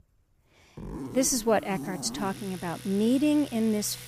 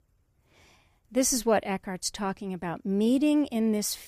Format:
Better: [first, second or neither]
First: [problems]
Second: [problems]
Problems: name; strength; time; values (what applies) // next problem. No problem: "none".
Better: second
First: household noises; noticeable; throughout; 15 dB below the speech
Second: none